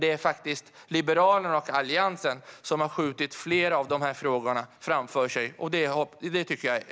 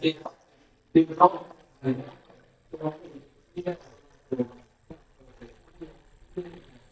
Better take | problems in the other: first | noise reduction (neural mask model DeepFilterNet 3)

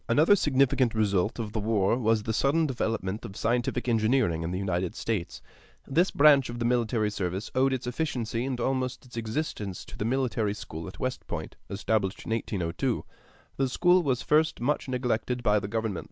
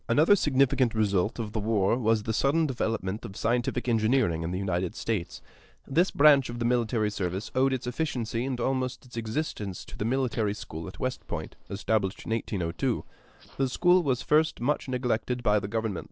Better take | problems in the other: first | noise reduction (neural separator model SepFormer DNS4)

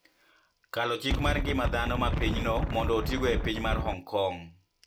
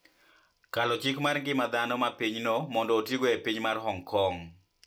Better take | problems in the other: second | background sound (Wind); 1 dB above the speech

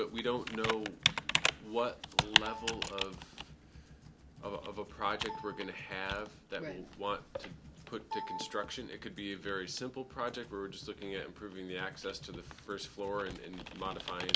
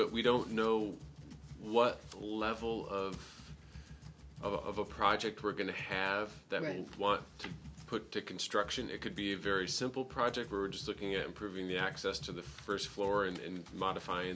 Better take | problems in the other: second | background sound (Computer keyboard); as loud as the speech

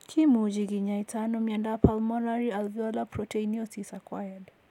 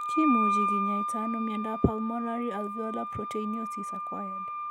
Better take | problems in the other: first | background sound (Wind instrument, woodwind instrument); as loud as the speech

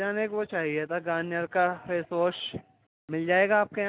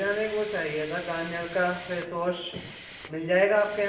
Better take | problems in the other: first | background sound (Hiss); 16 dB below the speech // room echo; dies away in 0.7 s

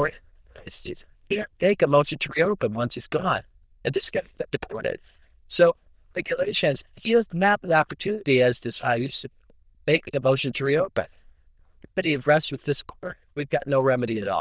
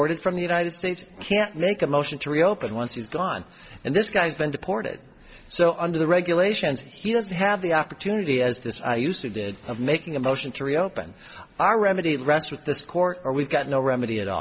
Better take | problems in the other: second | noise reduction (neural diffusion model UNIVERSE++)

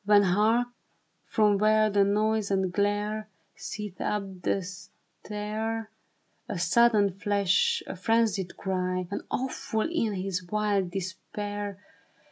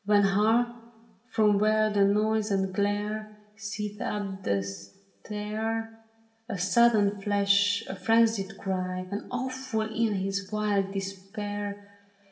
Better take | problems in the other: first | room echo; dies away in 0.7 s

